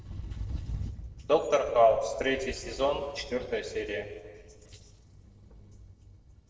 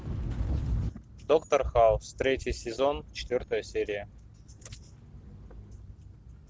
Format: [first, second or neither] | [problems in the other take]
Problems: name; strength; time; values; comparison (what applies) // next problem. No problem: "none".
second | noise reduction (neural separator model SepFormer DNS4)